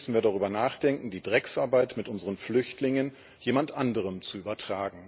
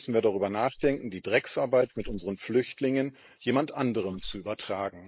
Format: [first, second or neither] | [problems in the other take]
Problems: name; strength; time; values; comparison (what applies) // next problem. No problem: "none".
first | noise reduction (neural mask model Resemble Enhance denoiser)